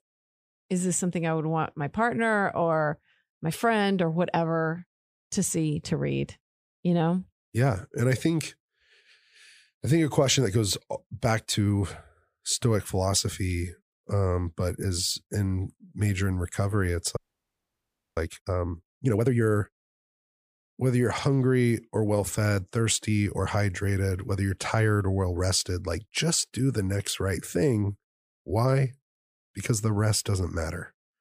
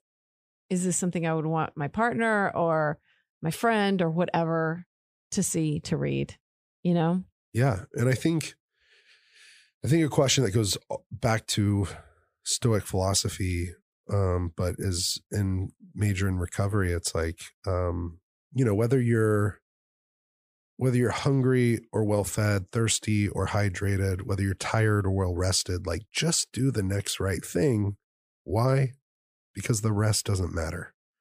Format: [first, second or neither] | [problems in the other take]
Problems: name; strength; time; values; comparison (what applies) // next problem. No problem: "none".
second | audio freezing; at 17 s for 1 s